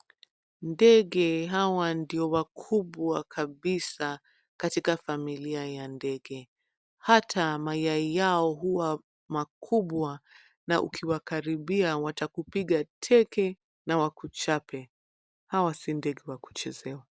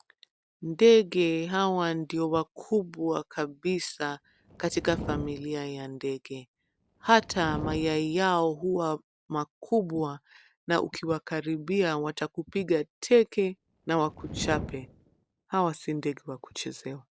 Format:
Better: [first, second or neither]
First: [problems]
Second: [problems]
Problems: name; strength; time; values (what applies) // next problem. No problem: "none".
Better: first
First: none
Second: background sound (Fire); 12 dB below the speech